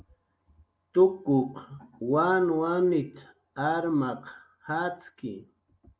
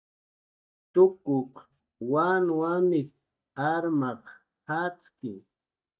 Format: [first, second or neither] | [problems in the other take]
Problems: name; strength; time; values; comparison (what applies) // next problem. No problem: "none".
first | noise reduction (neural mask model DeepFilterNet 3)